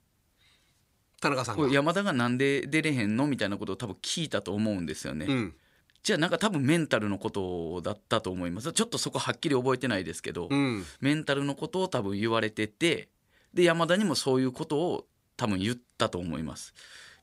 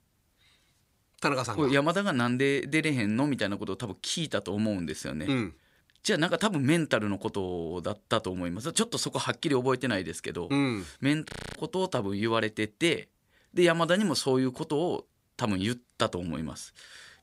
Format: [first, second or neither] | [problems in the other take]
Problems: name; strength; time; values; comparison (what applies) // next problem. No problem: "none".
first | audio freezing; at 11 s